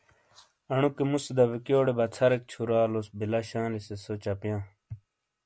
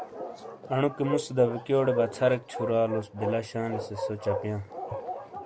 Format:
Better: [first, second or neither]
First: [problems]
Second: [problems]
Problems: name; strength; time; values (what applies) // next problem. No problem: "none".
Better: first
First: none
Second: background sound (Bark); 6 dB below the speech